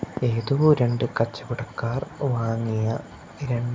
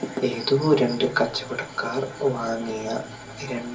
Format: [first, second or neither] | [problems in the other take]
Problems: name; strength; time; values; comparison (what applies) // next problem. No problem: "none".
first | room echo; dies away in 0.3 s